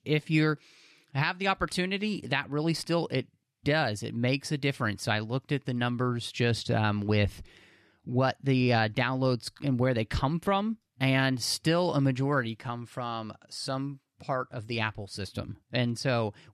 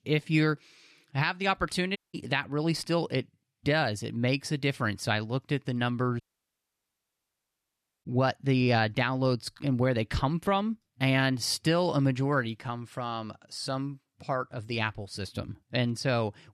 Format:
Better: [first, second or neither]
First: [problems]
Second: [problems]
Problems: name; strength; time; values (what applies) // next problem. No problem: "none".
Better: first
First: none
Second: audio cutting out; at 2 s and at 6 s for 2 s